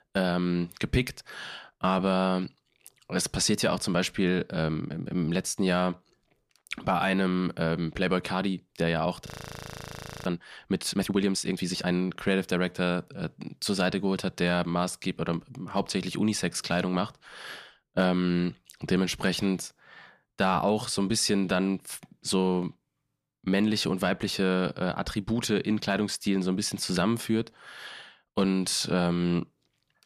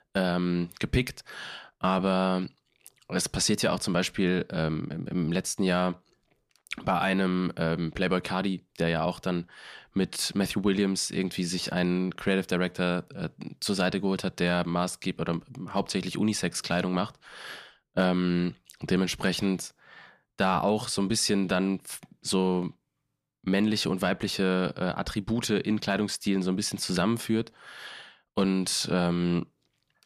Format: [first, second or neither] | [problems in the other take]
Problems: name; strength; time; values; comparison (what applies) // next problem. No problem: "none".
second | audio freezing; at 9.5 s for 1 s